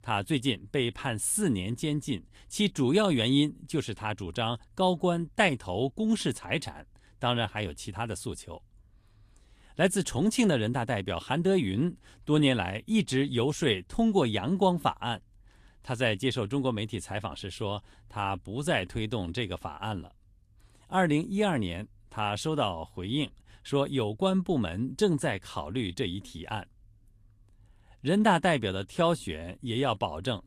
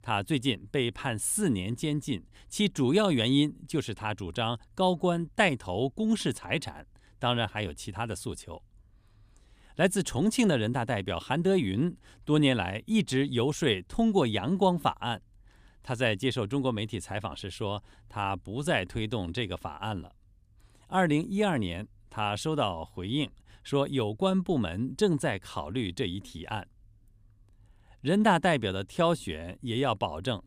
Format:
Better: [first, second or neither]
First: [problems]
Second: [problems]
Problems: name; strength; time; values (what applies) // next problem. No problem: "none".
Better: second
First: garbled, watery; slightly; nothing above 12 kHz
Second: none